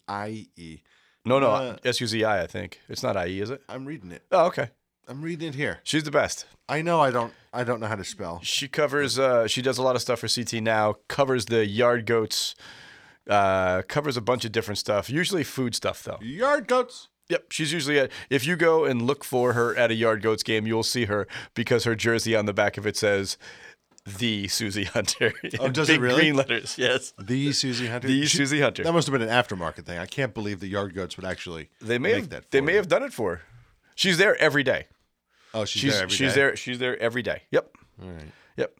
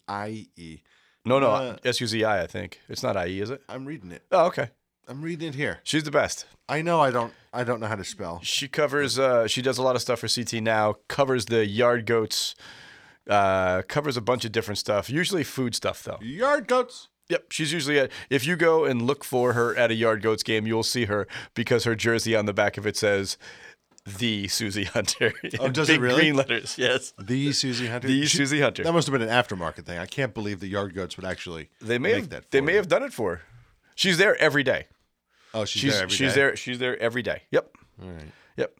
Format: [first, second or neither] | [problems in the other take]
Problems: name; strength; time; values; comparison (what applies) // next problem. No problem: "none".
neither | none